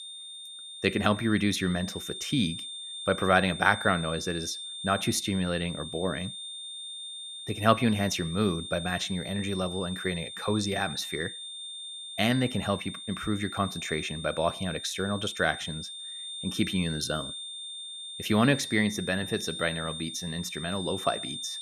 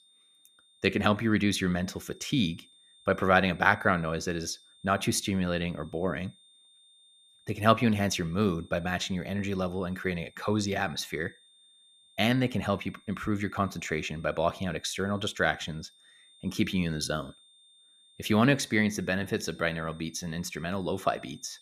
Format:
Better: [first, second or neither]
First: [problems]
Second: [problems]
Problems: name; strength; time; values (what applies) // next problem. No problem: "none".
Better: second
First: high-pitched whine; loud; throughout; 3.5 kHz, 8 dB below the speech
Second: high-pitched whine; faint; throughout; 3.5 kHz, 30 dB below the speech